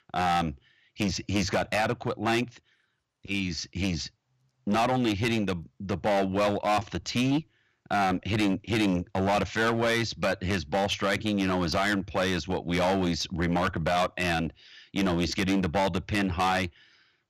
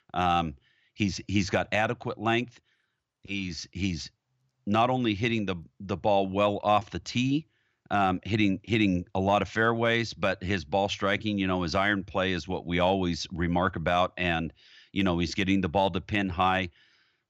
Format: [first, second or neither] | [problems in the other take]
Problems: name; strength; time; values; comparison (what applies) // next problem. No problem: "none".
second | distortion; heavy; 12% of the sound clipped